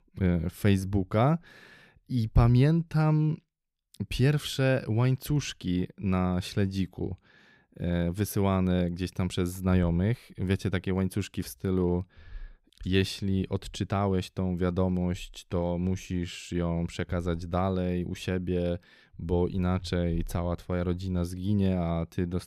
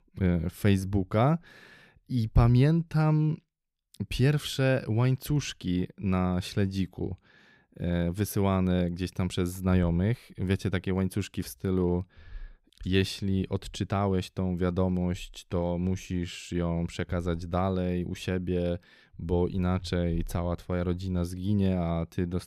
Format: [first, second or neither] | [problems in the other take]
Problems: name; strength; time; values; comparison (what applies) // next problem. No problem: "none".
neither | none